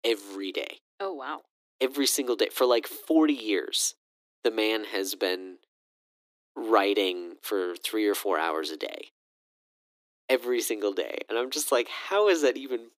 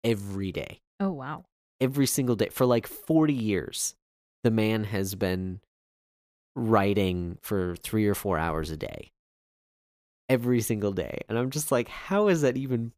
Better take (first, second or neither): second